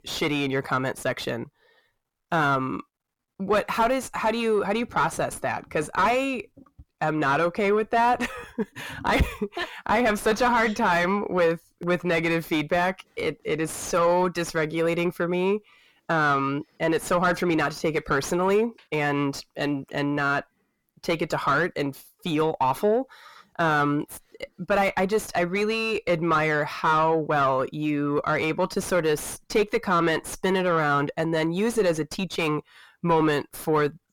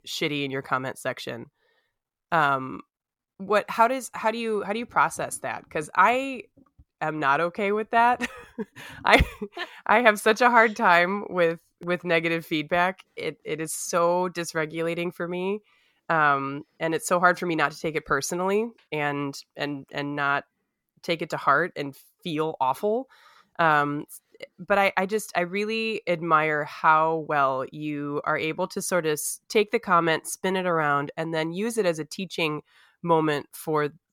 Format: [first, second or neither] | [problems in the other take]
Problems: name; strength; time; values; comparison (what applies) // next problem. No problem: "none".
second | distortion; heavy; 6 dB below the speech